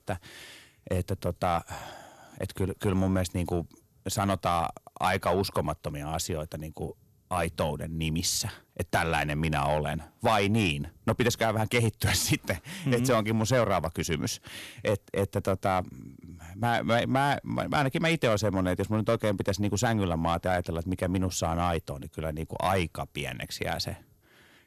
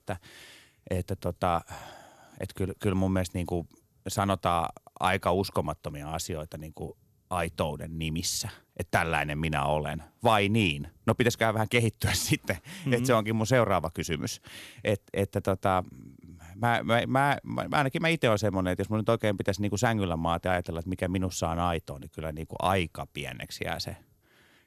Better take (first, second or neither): second